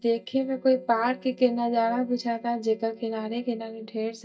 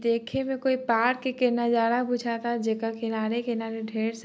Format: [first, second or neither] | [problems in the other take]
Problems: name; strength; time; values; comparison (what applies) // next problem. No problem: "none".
second | noise reduction (neural mask model DeepFilterNet 3)